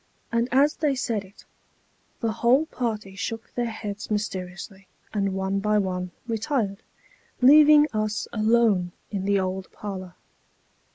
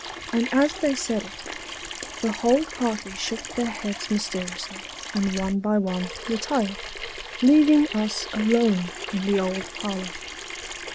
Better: first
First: none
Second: background sound (Sink (filling or washing) / Water tap, faucet); 11 dB below the speech

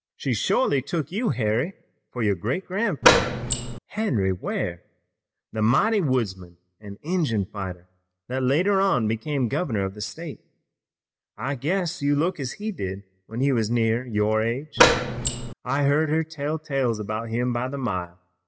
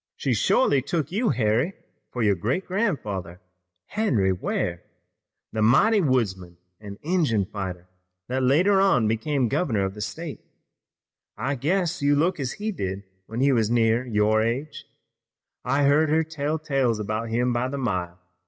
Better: second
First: background sound (Door); 5 dB above the speech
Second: none

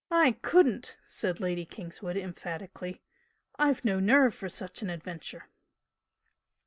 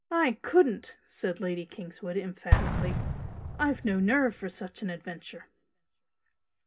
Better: first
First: none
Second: background sound (Explosion); 3 dB below the speech // room echo; dies away in 0.3 s

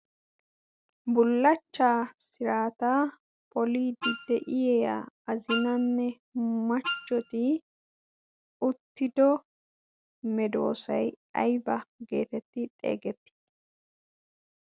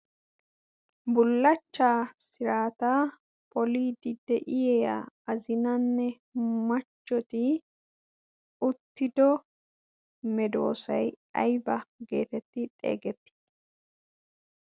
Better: second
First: background sound (Wind instrument, woodwind instrument); 7 dB below the speech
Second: none

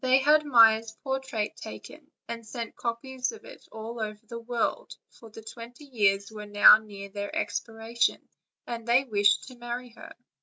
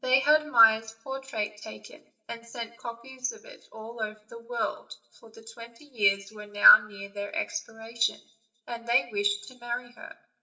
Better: first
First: none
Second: room echo; dies away in 0.6 s

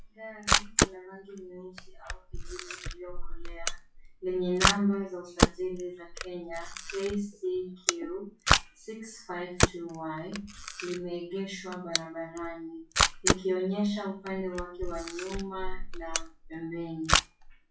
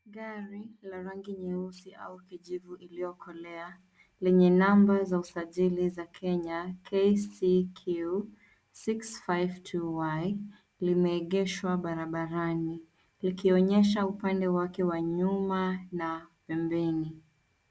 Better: second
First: noise reduction (classical method WPE with log-MMSE)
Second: none

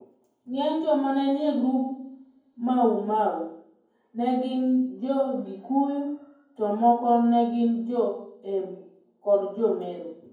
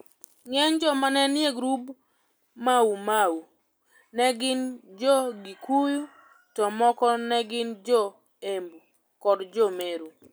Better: second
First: room echo; dies away in 0.9 s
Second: none

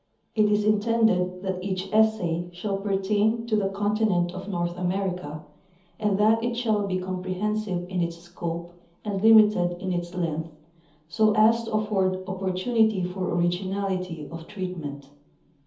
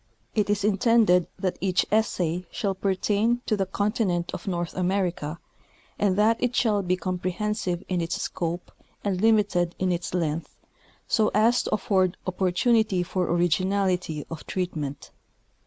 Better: second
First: room echo; dies away in 0.7 s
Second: none

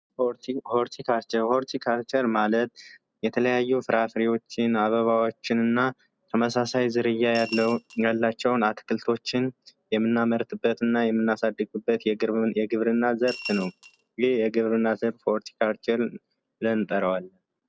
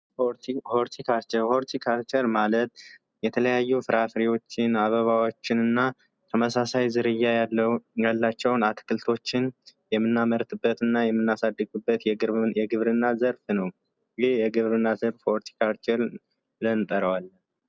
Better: second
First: background sound (Coin (dropping) / Glass); 13 dB below the speech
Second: none

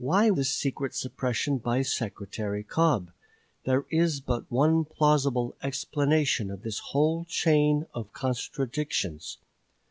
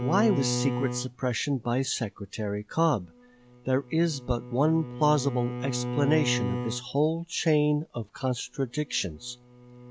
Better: first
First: none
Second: background sound (Bowed string instrument); 8 dB below the speech

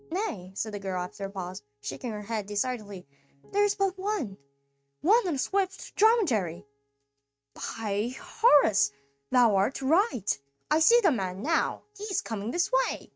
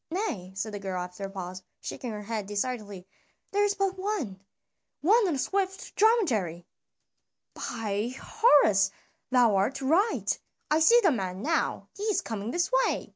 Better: second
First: noise reduction (neural mask model RNNoise)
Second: none

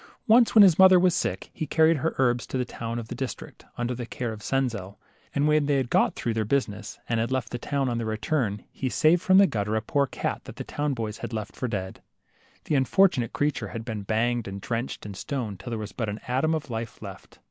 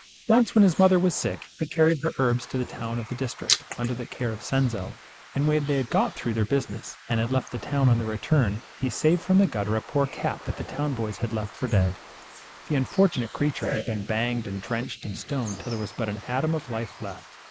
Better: first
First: none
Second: noise reduction (neural mask model Resemble Enhance denoiser)

